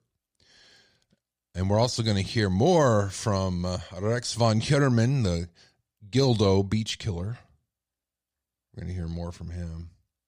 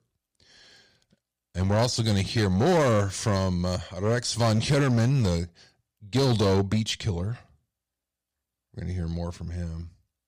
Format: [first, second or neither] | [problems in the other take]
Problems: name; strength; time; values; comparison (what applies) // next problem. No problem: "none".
first | distortion; slight; 7% of the sound clipped